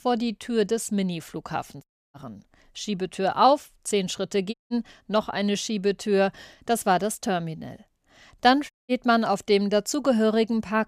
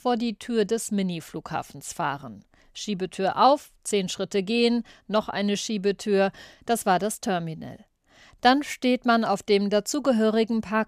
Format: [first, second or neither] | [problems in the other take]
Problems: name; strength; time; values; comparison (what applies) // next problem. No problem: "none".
second | audio cutting out; at 2 s, at 4.5 s and at 8.5 s